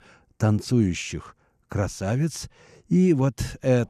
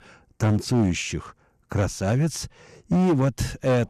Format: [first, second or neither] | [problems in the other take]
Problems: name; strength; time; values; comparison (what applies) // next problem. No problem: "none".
first | distortion; slight; 10% of the sound clipped